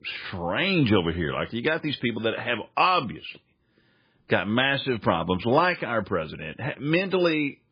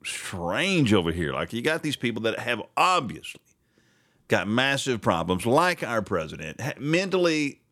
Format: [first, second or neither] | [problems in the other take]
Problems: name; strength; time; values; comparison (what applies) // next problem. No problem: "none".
second | garbled, watery; badly